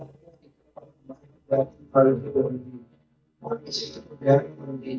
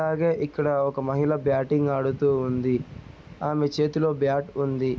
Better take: second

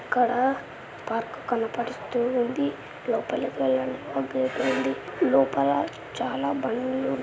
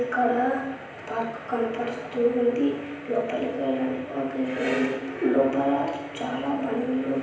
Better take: first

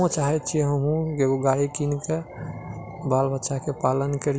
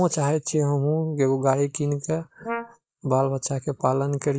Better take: first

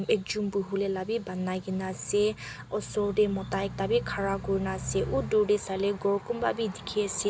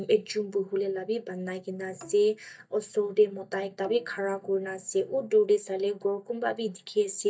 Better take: first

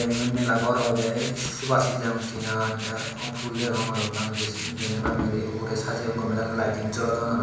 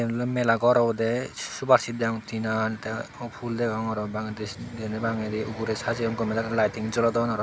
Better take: second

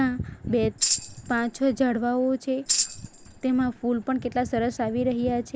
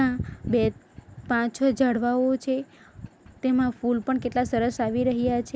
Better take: second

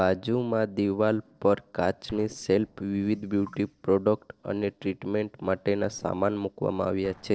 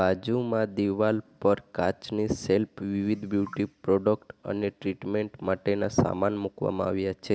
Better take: second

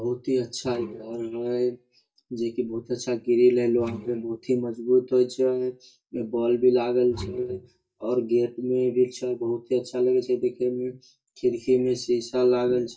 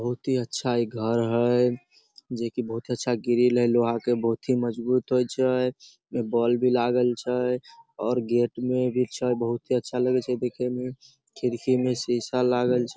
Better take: second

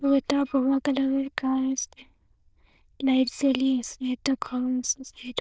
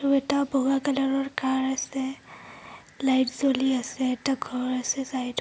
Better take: second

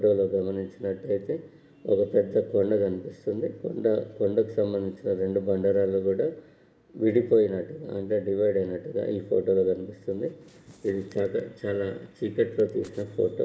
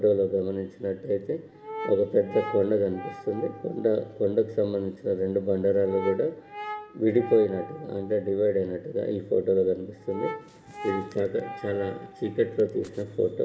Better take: first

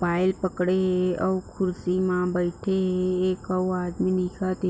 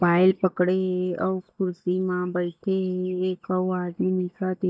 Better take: first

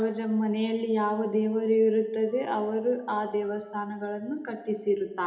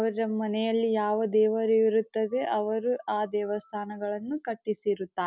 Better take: second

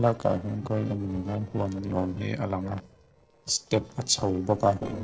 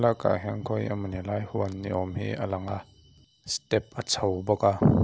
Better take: second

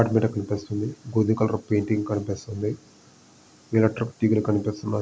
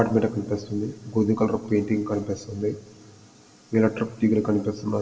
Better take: first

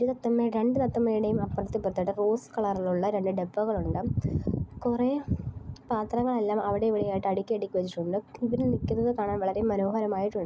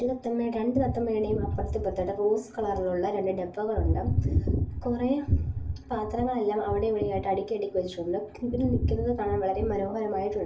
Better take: first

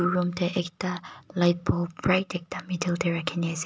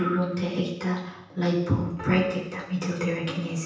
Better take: first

